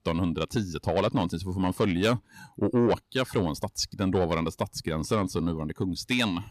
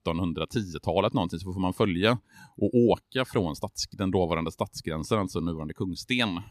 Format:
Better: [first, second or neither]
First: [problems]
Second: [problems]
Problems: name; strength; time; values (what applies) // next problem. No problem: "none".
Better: second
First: distortion; slight; 10 dB below the speech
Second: none